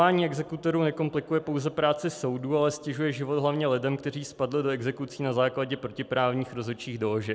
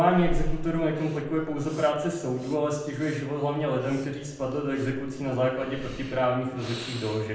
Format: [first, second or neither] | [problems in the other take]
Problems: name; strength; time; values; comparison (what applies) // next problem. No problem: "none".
first | background sound (Breathing); 8 dB below the speech // room echo; dies away in 0.8 s